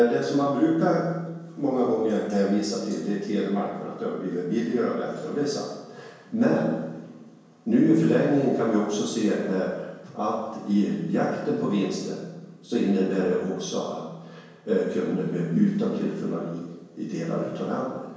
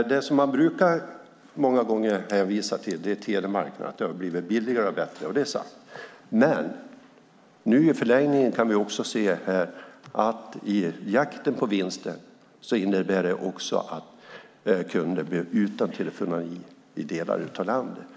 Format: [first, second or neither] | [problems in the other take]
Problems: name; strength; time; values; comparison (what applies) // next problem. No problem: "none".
second | room echo; dies away in 1 s